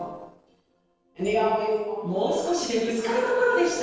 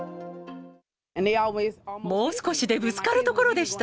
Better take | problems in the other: second | noise reduction (neural separator model SepFormer DNS4)

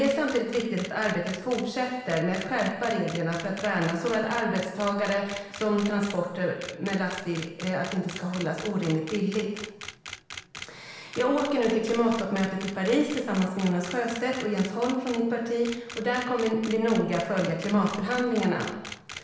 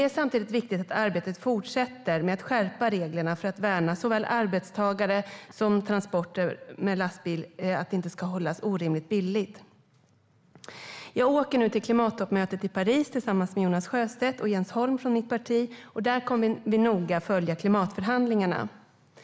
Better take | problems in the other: second | background sound (Camera); 15 dB below the speech // room echo; dies away in 0.9 s

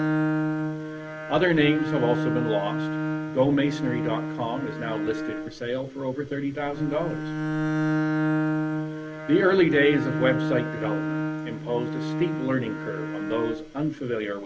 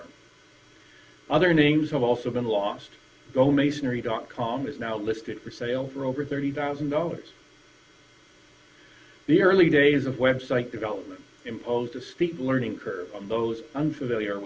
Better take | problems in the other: second | background sound (Bowed string instrument); 2 dB below the speech

